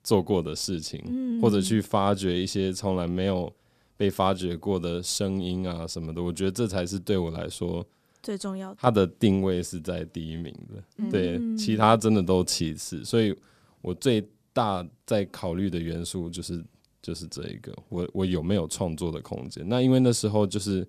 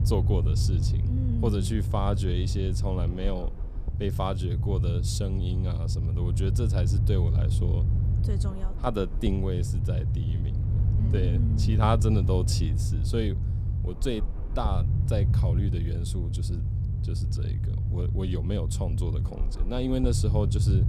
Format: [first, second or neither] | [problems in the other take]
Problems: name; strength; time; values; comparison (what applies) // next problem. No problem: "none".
first | low rumble; loud; throughout; 7 dB below the speech